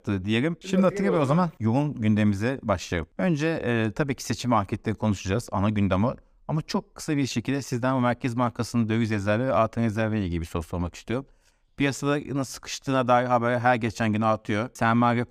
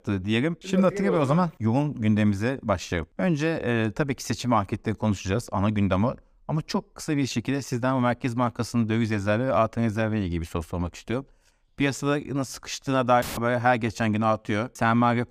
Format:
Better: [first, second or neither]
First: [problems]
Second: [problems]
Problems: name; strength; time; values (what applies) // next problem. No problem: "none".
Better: first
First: none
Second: audio cutting out; filled with static; at 13 s